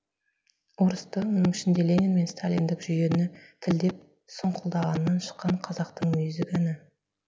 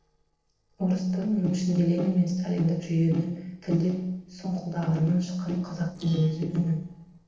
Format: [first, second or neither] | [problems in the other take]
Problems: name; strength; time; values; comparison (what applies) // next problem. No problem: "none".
first | noise reduction (neural separator model SepFormer DNS4)